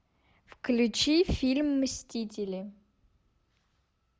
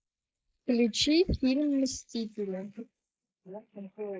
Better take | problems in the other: first | noise reduction (neural mask model Resemble Enhance denoiser)

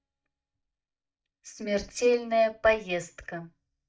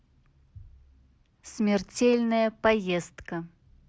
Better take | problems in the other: second | noise reduction (neural mask model DeepFilterNet 3)

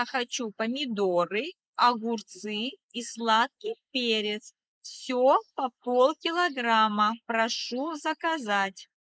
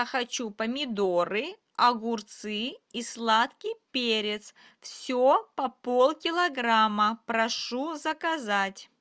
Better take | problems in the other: second | noise reduction (neural mask model Resemble Enhance denoiser)

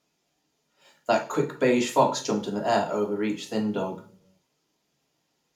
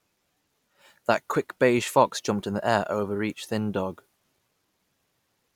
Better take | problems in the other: second | room echo; dies away in 0.4 s

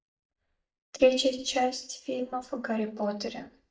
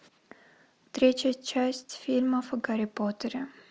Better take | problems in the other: second | noise reduction (neural mask model DeepFilterNet 3)

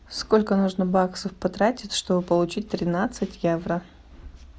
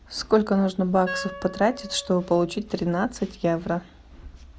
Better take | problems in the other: first | background sound (Wind instrument, woodwind instrument); 14 dB below the speech

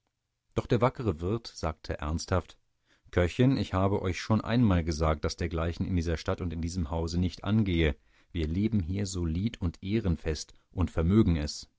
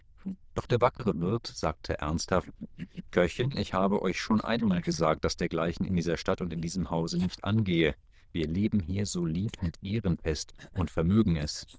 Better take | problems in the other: first | noise reduction (neural diffusion model UNIVERSE++)

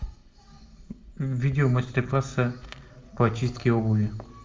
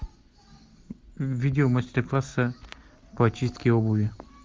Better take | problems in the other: second | room echo; dies away in 0.9 s

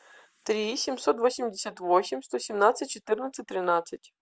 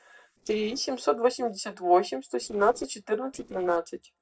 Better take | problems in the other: first | noise reduction (neural separator model SepFormer DNS4)

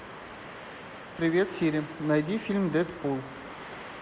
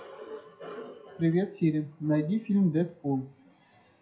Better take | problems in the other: first | noise reduction (classical method WPE with log-MMSE)

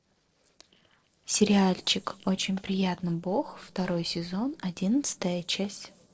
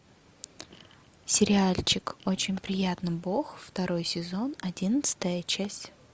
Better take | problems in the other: second | noise reduction (neural separator model SepFormer DNS4)

